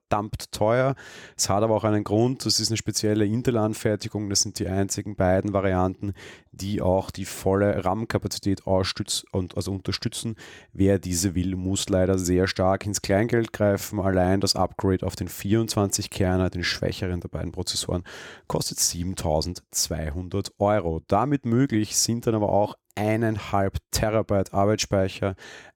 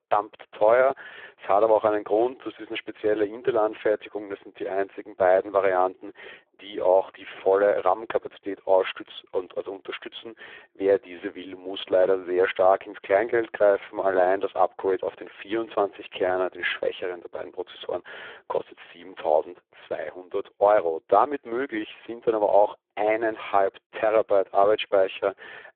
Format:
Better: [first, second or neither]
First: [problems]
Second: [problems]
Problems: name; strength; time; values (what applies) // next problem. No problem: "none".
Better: first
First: none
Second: phone-call audio; poor line